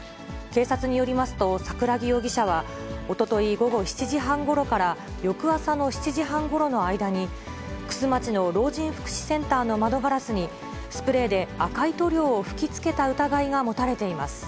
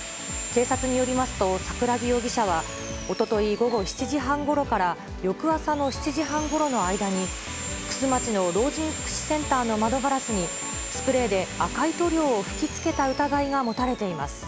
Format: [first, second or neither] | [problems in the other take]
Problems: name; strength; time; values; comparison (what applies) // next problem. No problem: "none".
first | background sound (Sawing); 10 dB below the speech